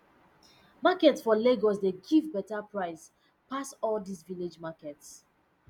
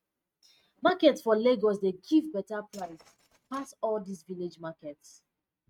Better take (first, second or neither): first